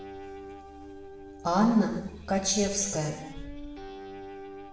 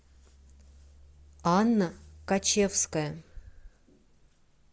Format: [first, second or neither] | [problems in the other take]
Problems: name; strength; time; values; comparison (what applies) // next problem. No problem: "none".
second | background sound (Guitar); 14 dB below the speech // room echo; dies away in 0.9 s